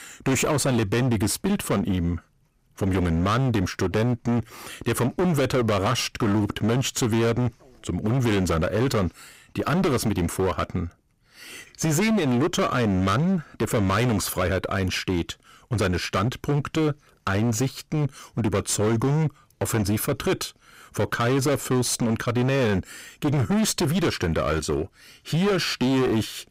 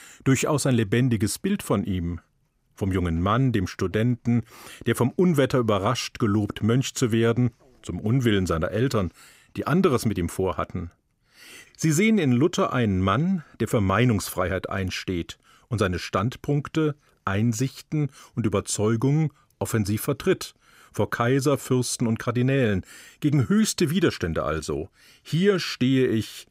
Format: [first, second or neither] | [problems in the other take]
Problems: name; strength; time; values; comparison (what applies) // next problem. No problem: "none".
second | distortion; heavy; 25% of the sound clipped